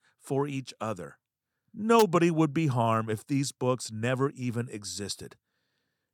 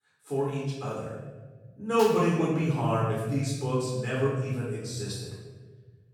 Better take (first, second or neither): first